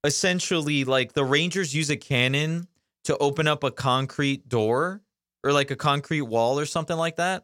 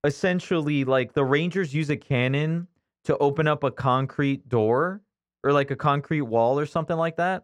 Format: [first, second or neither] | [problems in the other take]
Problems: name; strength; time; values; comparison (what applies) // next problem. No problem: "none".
first | muffled; very; fading above 3 kHz